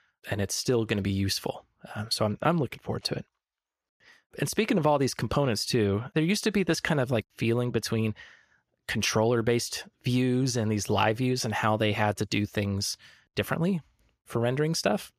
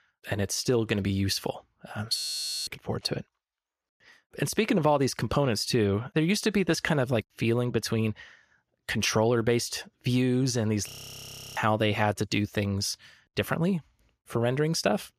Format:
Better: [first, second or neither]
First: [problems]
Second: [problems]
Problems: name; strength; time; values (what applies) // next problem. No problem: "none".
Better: first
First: none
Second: audio freezing; at 2 s for 0.5 s and at 11 s for 0.5 s